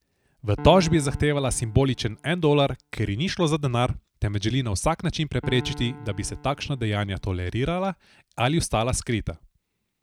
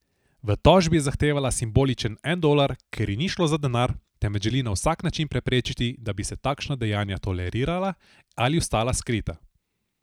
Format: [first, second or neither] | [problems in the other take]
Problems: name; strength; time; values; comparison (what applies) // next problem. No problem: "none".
second | background sound (Piano); 19 dB below the speech